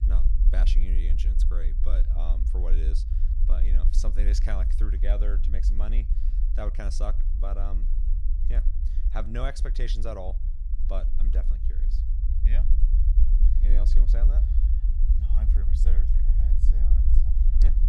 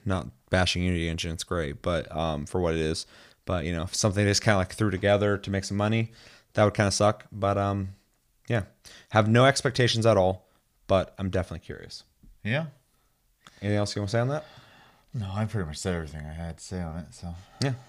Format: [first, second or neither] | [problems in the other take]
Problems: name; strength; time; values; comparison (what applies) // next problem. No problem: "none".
second | low rumble; loud; throughout; 7 dB below the speech